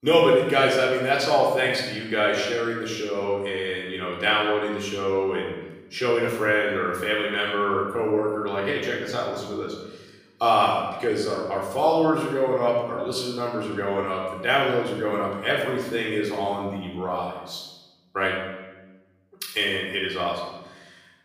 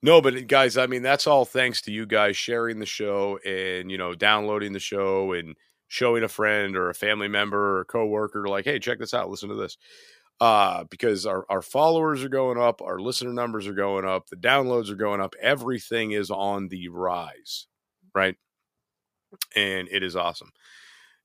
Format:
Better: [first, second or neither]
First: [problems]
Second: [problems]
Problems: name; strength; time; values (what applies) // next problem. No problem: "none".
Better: second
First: off-mic speech; far // room echo; noticeable; dies away in 1 s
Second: none